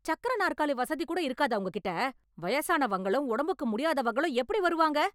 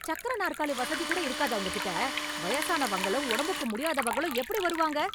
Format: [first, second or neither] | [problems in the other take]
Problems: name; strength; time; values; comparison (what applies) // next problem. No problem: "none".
first | background sound (Liquid + Tools); 4 dB below the speech